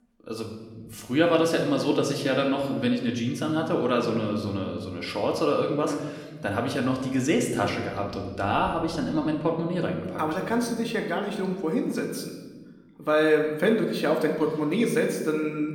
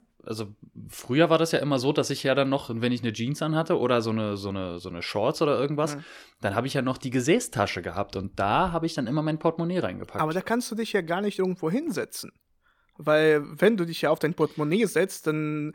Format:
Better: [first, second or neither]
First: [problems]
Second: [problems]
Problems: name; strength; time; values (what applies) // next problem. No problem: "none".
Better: second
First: room echo; slight; dies away in 1.1 s // off-mic speech; somewhat distant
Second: none